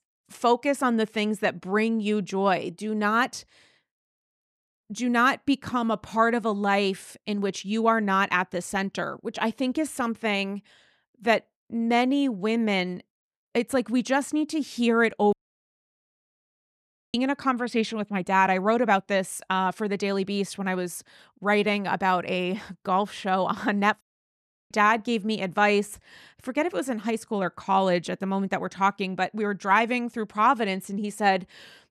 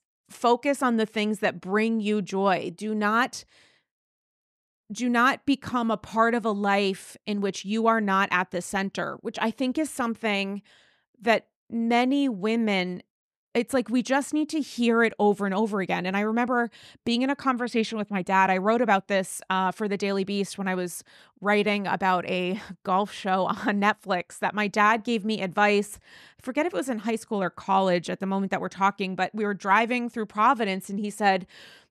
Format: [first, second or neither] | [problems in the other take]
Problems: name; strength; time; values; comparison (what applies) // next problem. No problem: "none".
second | audio cutting out; at 15 s for 2 s and at 24 s for 0.5 s